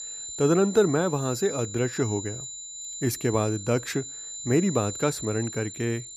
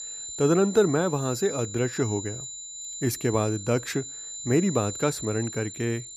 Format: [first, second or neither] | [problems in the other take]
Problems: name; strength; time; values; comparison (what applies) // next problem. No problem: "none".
neither | high-pitched whine; loud; throughout; 7 kHz, 9 dB below the speech; the same in both